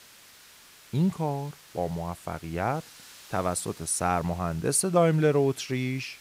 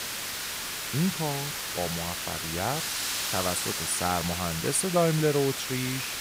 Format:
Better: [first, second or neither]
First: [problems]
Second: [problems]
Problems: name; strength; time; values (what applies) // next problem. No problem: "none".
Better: first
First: hiss; faint; throughout; 20 dB below the speech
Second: hiss; loud; throughout; 1 dB below the speech